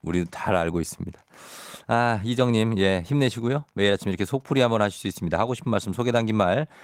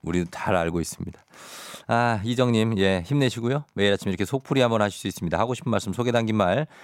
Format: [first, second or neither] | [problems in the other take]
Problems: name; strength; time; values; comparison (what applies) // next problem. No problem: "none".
second | garbled, watery; slightly; nothing above 16 kHz